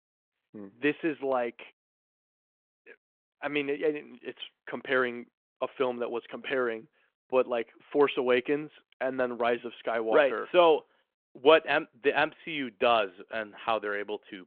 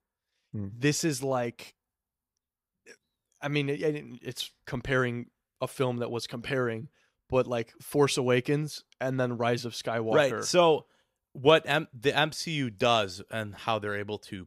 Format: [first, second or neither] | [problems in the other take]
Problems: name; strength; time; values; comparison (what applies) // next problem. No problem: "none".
second | phone-call audio